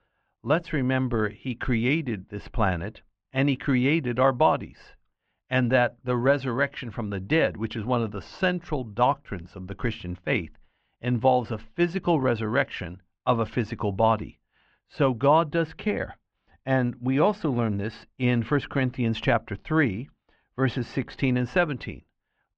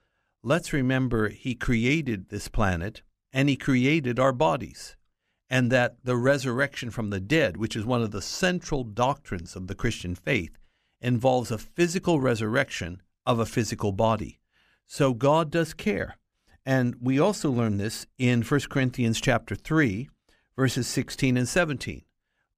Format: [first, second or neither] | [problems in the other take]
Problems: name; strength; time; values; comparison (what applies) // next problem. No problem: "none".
second | muffled; very; fading above 3.5 kHz